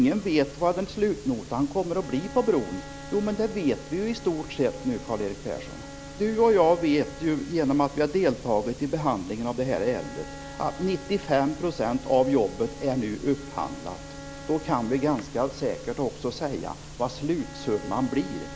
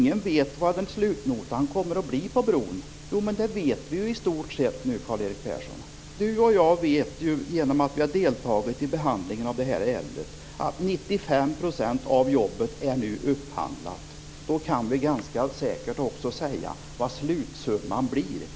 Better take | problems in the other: second | background sound (Bowed string instrument); 19 dB below the speech

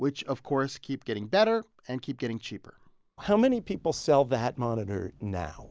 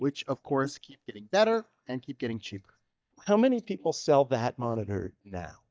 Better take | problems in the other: first | noise reduction (neural mask model DeepFilterNet 3)

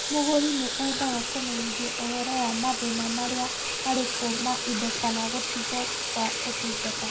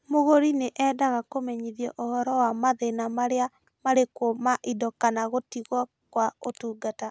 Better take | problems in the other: second | background sound (Sink (filling or washing) / Water tap, faucet); as loud as the speech // room echo; dies away in 0.2 s

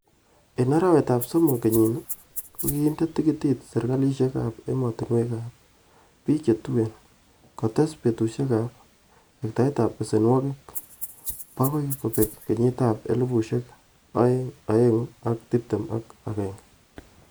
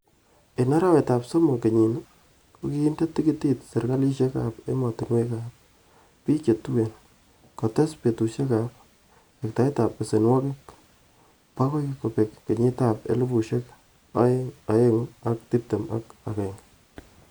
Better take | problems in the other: second | background sound (Rattle (instrument)); 10 dB below the speech

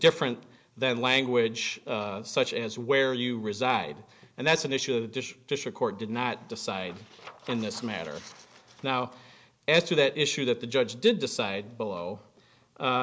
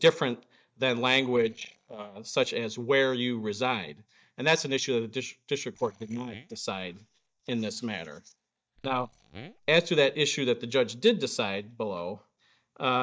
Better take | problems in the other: first | noise reduction (neural mask model DeepFilterNet 3)

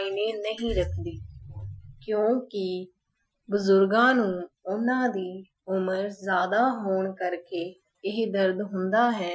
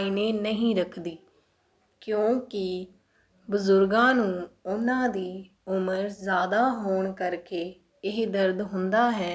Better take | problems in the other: second | noise reduction (classical method Wiener filter)

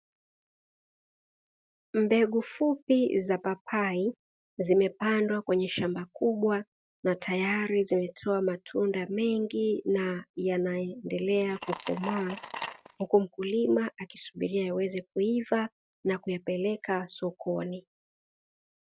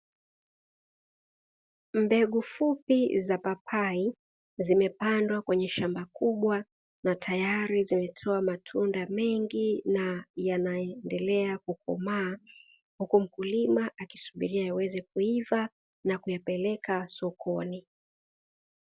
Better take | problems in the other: second | noise reduction (neural mask model RNNoise)

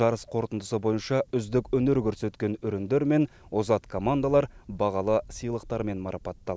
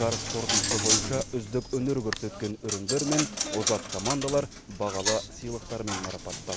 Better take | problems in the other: first | background sound (Coin (dropping)); 1 dB below the speech

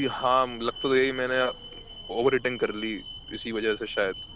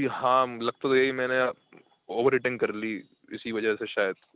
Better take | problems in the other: second | background sound (Alarm); 14 dB below the speech

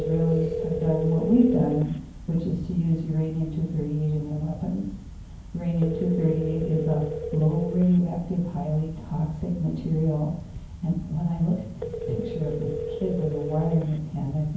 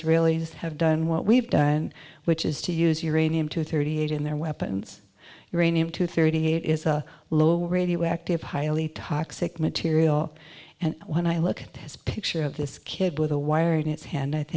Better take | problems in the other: second | background sound (Telephone); 8 dB below the speech // room echo; dies away in 0.9 s

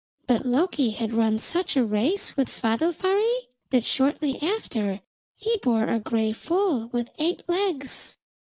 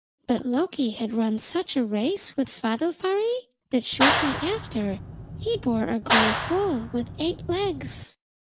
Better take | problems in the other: first | background sound (Clapping); 1 dB below the speech

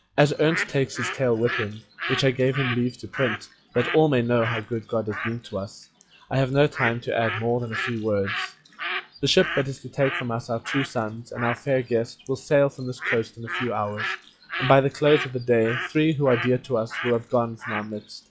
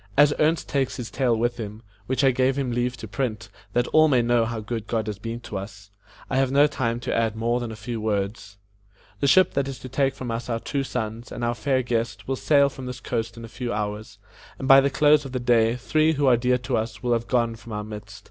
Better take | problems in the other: second | noise reduction (classical method log-MMSE)

